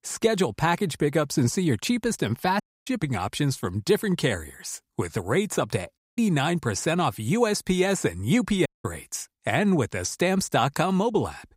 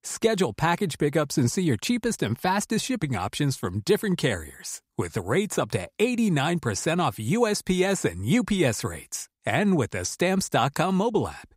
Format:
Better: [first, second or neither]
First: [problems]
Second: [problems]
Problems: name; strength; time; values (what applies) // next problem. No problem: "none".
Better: second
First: audio cutting out; at 2.5 s, at 6 s and at 8.5 s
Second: none